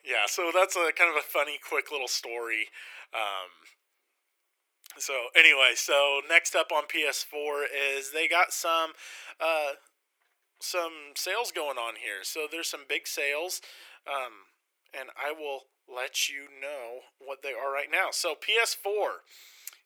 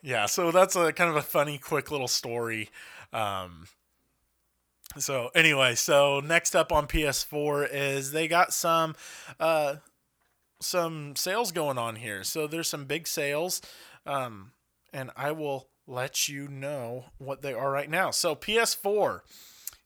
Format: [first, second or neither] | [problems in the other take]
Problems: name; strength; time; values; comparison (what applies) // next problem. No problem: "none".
second | thin; very; fading below 350 Hz